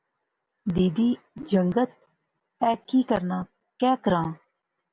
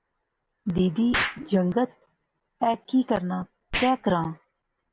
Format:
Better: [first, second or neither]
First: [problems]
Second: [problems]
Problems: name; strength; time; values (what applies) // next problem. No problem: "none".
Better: first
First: none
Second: background sound (Explosion); 10 dB below the speech